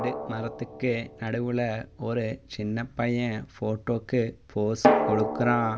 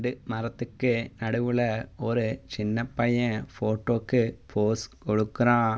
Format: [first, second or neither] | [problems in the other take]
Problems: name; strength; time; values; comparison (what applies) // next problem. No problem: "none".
second | background sound (Drum); 2 dB below the speech